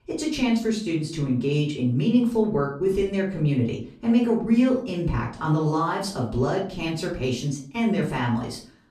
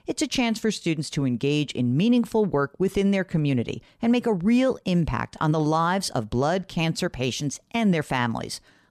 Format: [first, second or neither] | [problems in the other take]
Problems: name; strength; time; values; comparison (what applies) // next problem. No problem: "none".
second | off-mic speech; far // room echo; slight; dies away in 0.4 s